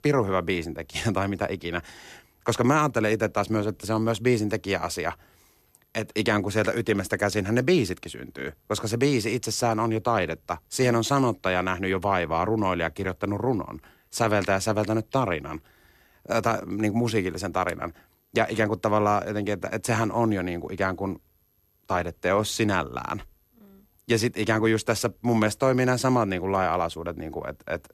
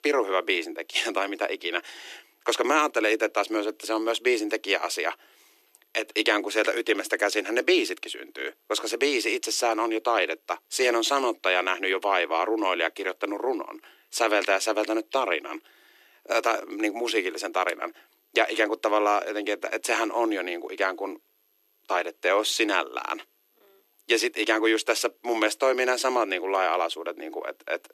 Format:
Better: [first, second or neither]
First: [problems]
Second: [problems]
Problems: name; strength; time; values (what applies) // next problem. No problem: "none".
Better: first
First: none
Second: thin; very; fading below 300 Hz